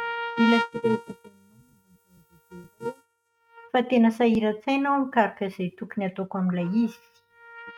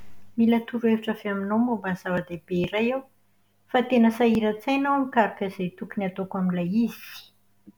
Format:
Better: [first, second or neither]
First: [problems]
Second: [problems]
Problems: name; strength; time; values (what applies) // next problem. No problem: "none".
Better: second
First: noise reduction (neural mask model RNNoise)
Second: none